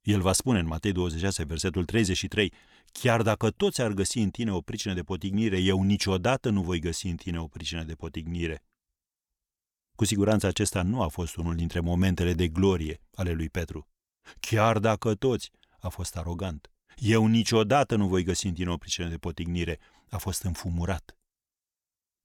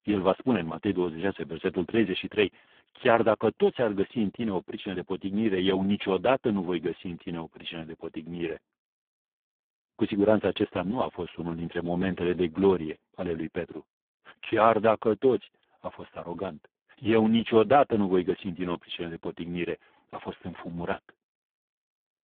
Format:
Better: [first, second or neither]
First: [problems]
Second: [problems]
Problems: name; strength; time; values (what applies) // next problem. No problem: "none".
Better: first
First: none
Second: phone-call audio; poor line